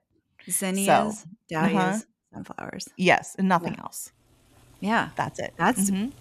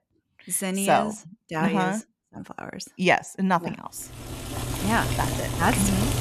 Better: first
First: household noises; faint; from 4.5 s on; 30 dB below the speech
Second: household noises; loud; from 4.5 s on; 3 dB below the speech

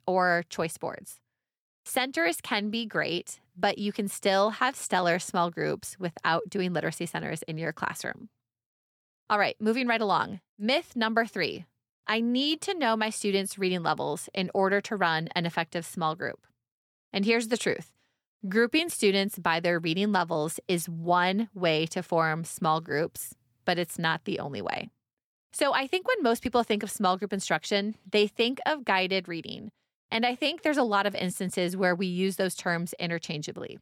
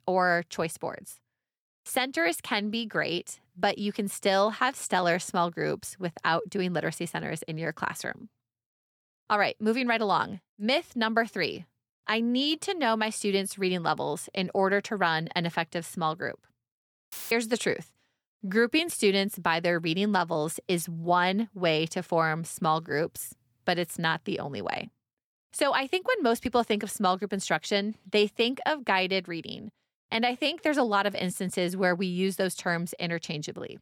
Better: first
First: none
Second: audio cutting out; filled with static; at 17 s

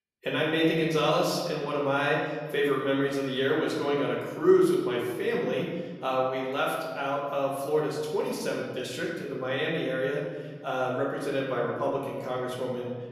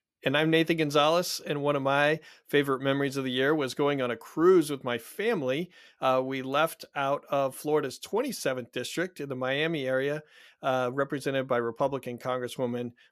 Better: second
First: room echo; noticeable; dies away in 1.4 s // off-mic speech; far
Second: none

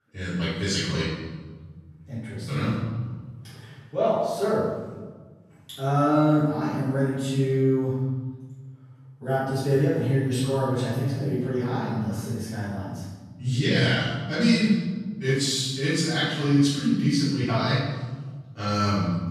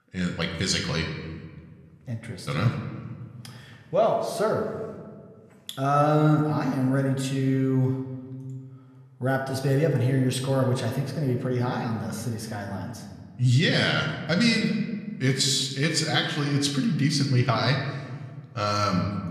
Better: second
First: room echo; strong; dies away in 1.4 s // off-mic speech; far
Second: room echo; slight; dies away in 1.3 s

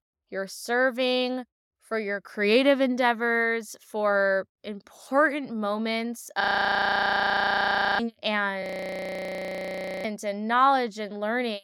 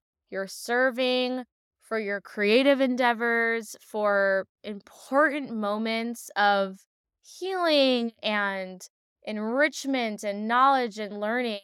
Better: second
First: audio freezing; at 6.5 s for 1.5 s and at 8.5 s for 1.5 s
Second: none

